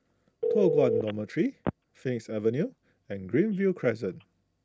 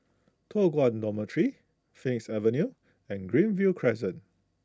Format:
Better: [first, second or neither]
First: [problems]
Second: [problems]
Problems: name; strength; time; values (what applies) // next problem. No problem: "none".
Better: second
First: background sound (Telephone); 4 dB below the speech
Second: none